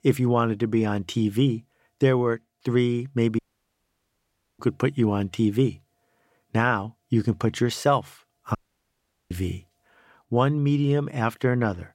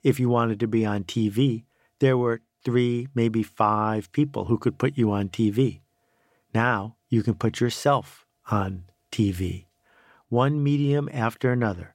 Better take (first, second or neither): second